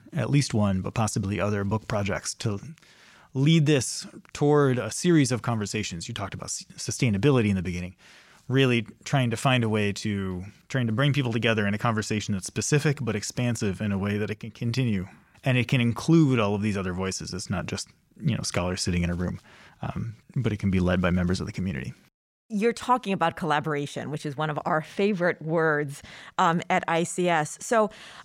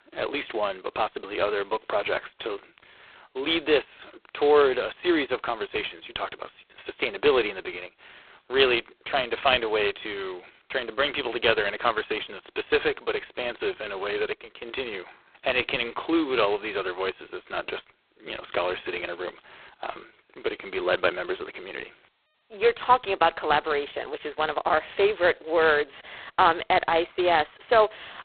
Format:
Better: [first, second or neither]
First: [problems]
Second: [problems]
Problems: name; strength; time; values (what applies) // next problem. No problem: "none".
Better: first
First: none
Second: phone-call audio; poor line; nothing above 4 kHz